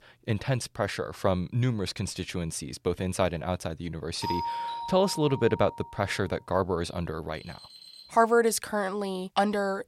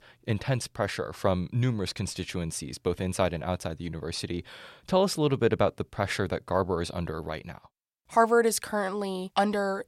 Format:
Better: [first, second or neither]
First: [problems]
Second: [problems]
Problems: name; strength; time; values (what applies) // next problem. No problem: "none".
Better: second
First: doorbell; noticeable; from 4 to 6 s; peak 3 dB below the speech // alarm; faint; at 7.5 s; peak 20 dB below the speech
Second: none